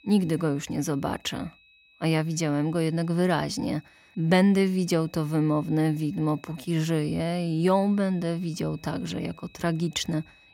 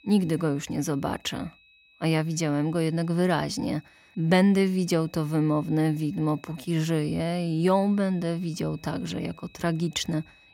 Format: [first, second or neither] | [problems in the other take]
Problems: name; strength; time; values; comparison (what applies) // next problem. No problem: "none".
neither | high-pitched whine; faint; throughout; 2.5 kHz, 30 dB below the speech; the same in both